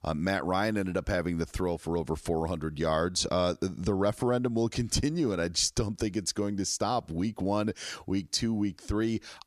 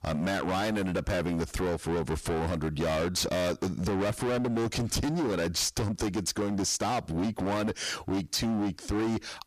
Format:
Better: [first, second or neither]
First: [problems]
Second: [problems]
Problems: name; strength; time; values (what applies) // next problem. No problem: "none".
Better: first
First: none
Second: distortion; heavy; 32% of the sound clipped